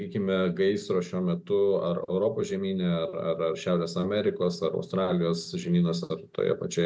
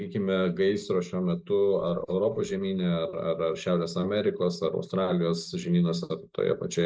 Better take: first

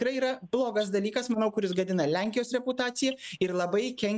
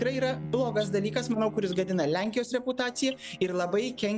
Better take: first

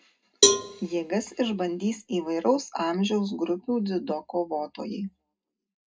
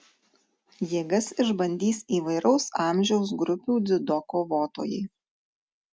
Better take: second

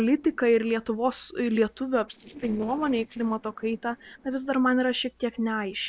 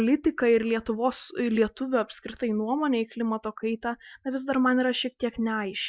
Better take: second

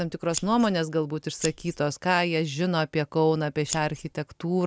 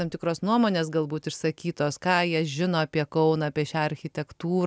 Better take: second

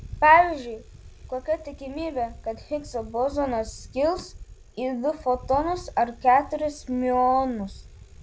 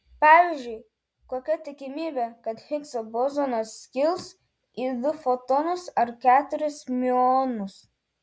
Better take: second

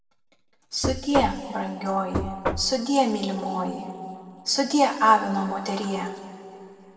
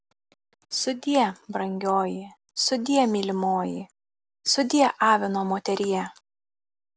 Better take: second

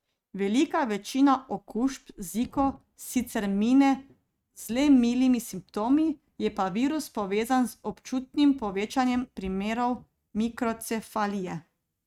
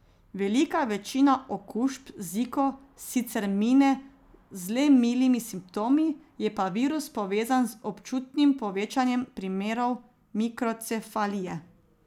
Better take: second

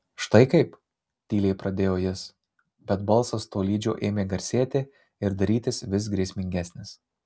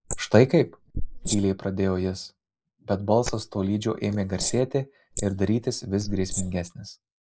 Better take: first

